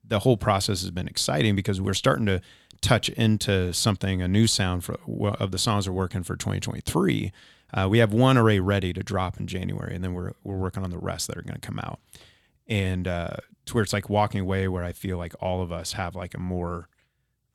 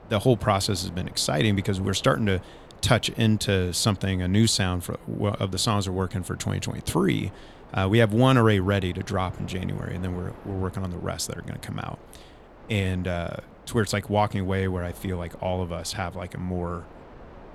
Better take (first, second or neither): first